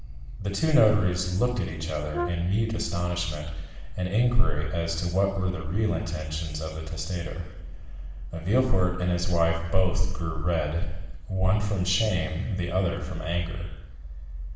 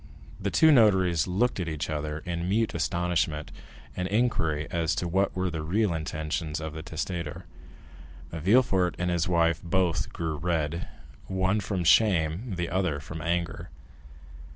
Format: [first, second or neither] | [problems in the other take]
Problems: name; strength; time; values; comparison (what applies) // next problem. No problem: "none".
second | background sound (Brass instrument); 11 dB below the speech // room echo; dies away in 0.9 s